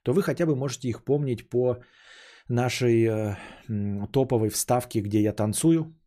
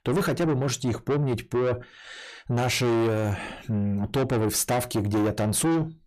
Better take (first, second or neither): first